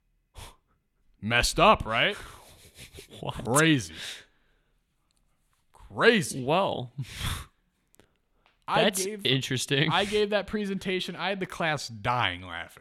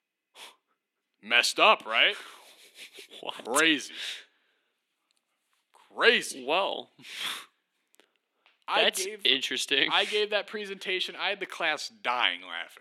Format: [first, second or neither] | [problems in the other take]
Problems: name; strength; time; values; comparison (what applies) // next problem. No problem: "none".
first | thin; somewhat; fading below 300 Hz